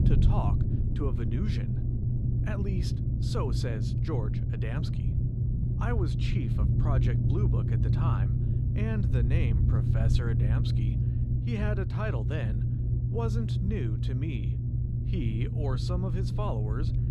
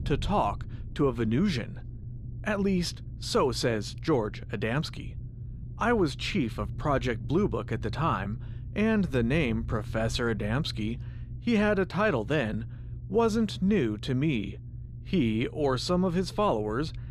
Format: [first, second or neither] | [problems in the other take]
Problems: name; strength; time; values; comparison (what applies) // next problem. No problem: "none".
second | low rumble; loud; throughout; 1 dB below the speech; faint in the second